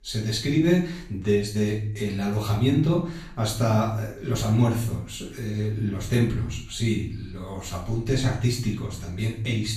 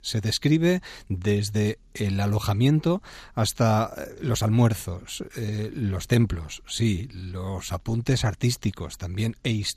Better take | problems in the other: second | room echo; noticeable; dies away in 0.5 s // off-mic speech; far

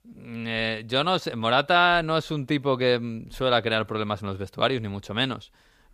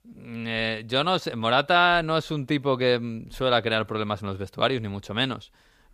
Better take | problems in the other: neither | none

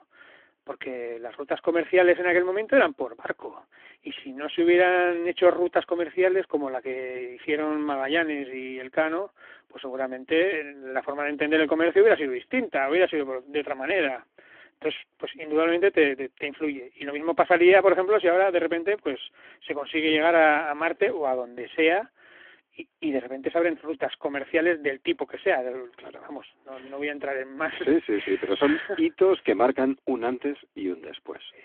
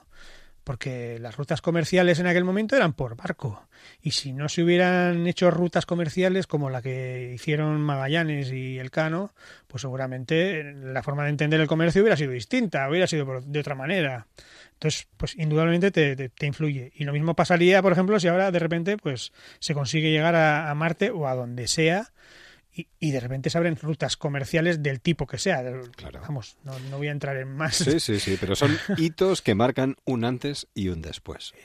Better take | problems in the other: second | phone-call audio; nothing above 3.5 kHz

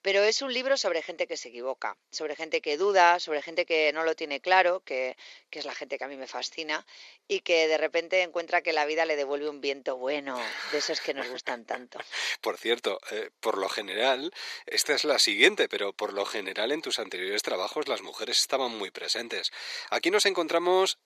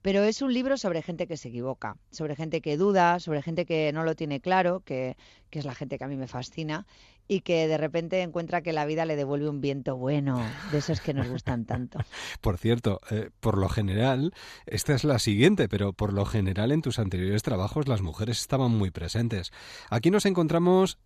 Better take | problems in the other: second | thin; very; fading below 400 Hz

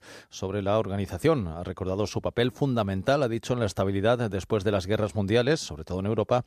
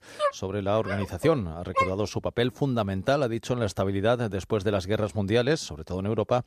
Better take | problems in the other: first | dog barking; noticeable; until 2 s; peak level with the speech

